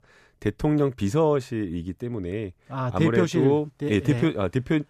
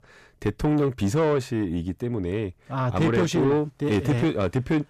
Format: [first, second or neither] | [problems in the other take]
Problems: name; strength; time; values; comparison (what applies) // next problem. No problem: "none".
first | distortion; slight; 10 dB below the speech